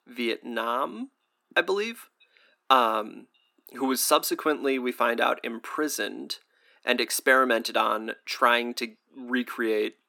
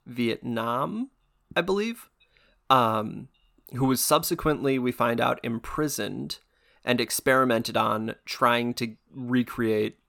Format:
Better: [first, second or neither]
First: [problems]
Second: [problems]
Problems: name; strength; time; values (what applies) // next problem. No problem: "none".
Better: second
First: thin; very slightly; fading below 250 Hz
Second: none